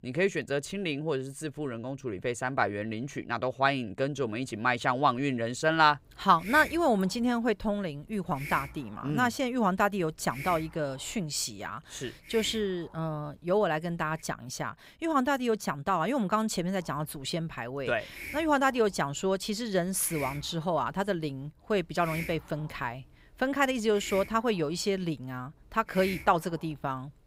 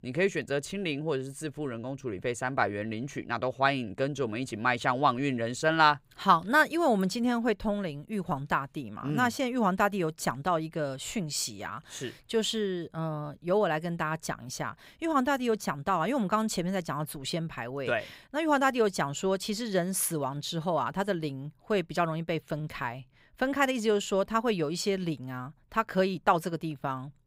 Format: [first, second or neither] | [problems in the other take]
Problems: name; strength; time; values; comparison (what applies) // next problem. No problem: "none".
second | hiss; noticeable; from 5.5 to 14 s and from 17 s on; 15 dB below the speech